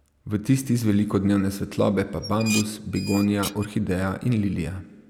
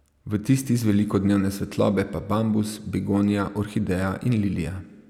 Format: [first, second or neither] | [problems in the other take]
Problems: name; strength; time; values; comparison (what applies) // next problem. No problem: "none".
second | background sound (Dishes, pots, and pans); 12 dB below the speech